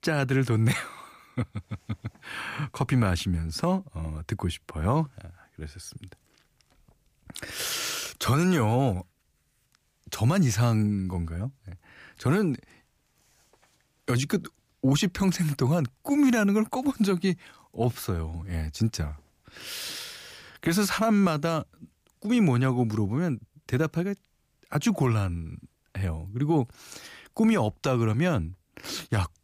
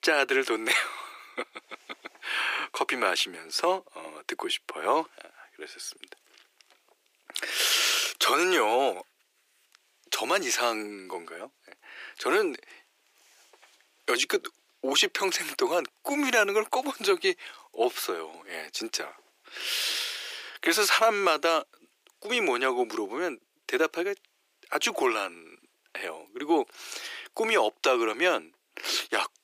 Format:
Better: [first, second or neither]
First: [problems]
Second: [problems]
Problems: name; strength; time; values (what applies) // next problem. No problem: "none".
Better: first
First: none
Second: thin; very; fading below 350 Hz